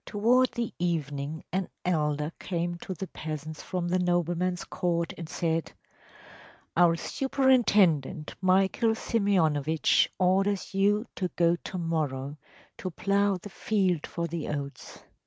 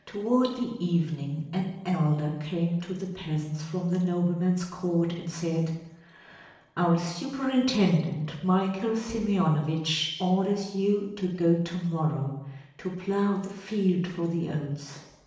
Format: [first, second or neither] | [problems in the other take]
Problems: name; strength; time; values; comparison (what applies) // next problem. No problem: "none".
first | room echo; dies away in 0.9 s